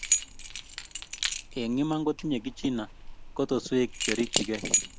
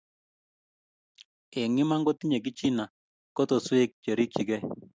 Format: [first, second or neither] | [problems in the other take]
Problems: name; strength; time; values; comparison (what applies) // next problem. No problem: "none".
second | background sound (Keys jangling); 2 dB below the speech